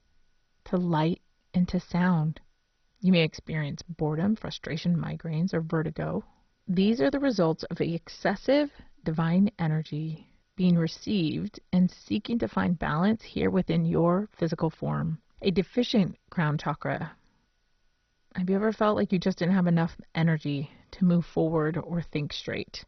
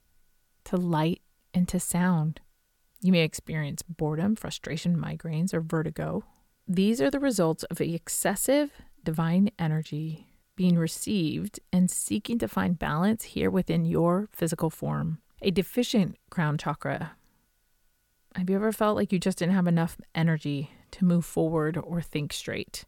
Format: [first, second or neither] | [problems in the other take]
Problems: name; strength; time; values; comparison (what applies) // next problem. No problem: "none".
second | garbled, watery; badly; nothing above 6 kHz